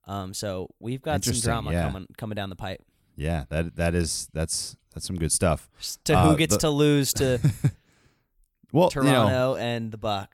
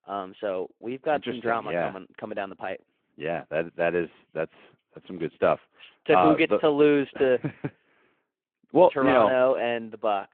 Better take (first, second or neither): first